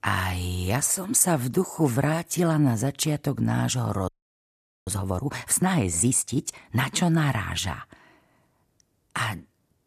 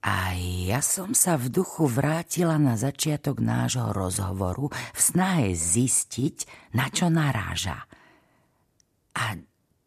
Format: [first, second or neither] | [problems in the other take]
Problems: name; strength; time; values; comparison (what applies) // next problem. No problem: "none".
second | audio freezing; at 4 s for 1 s